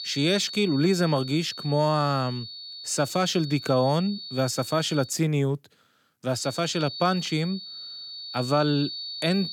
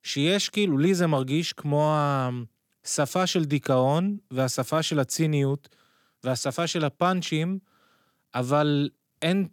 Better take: second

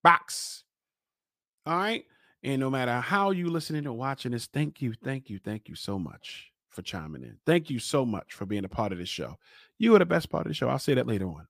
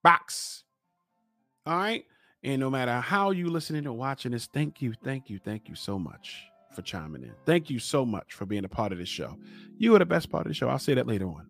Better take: first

